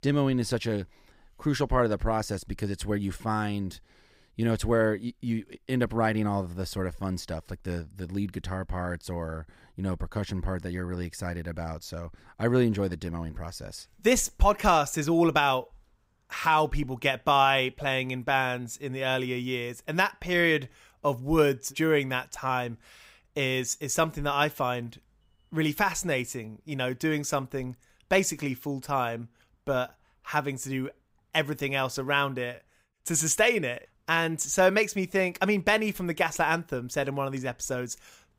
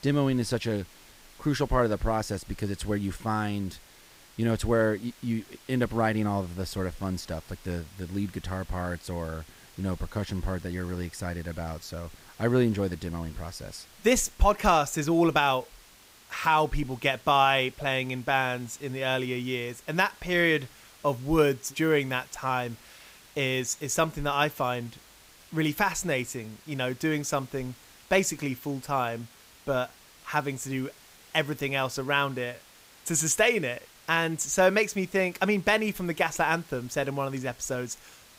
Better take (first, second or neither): first